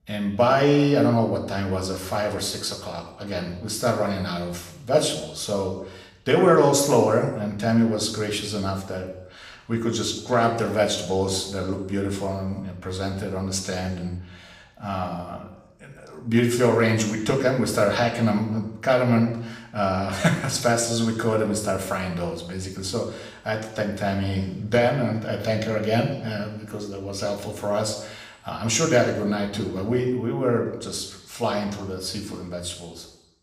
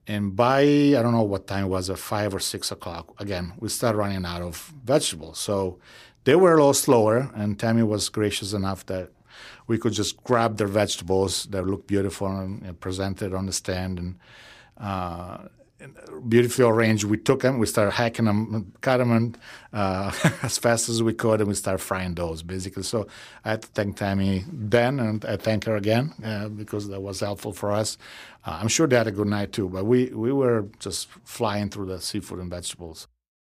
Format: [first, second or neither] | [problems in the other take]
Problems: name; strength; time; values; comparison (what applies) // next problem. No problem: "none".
second | room echo; slight; dies away in 0.8 s // off-mic speech; somewhat distant